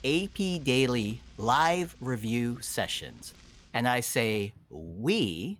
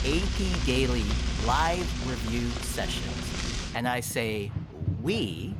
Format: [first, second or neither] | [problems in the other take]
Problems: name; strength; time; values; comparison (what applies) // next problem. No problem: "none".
first | household noises; loud; throughout; 2 dB below the speech; faint in the first